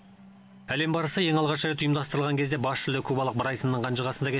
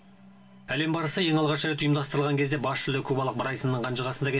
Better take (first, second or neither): first